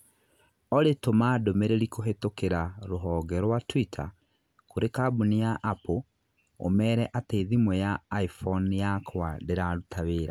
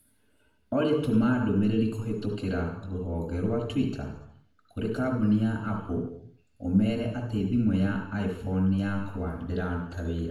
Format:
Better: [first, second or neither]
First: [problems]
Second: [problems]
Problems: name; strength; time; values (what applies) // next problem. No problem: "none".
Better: first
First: none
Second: room echo; dies away in 0.7 s